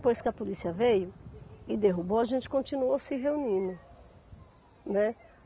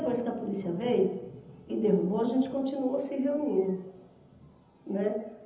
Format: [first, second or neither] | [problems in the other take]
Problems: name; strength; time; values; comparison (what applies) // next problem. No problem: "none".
first | room echo; dies away in 0.9 s